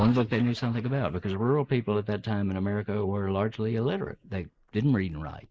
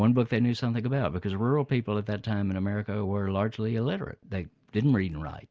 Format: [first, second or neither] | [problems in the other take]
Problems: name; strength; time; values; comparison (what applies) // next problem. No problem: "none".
second | noise reduction (neural mask model Resemble Enhance denoiser)